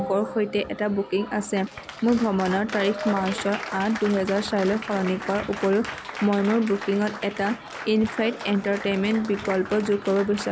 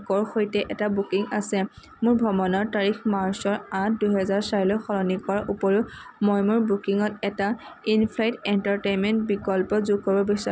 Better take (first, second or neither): second